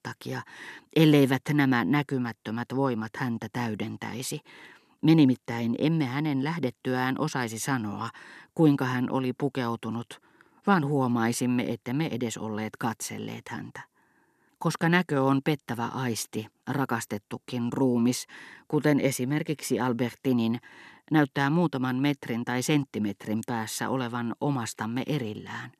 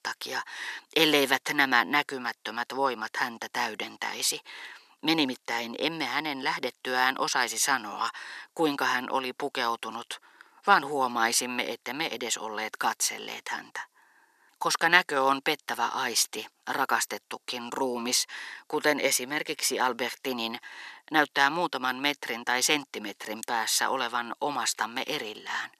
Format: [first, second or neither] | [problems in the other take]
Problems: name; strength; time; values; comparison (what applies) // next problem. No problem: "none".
first | thin; very; fading below 650 Hz